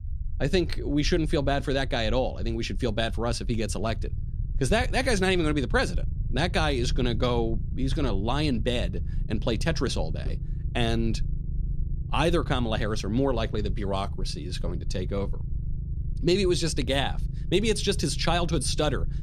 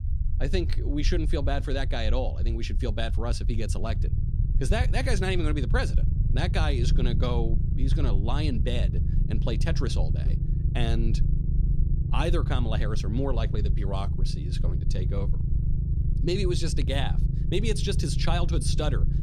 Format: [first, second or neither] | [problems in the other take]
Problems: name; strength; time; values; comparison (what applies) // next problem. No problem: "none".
first | low rumble; loud; throughout; 9 dB below the speech; faint in the first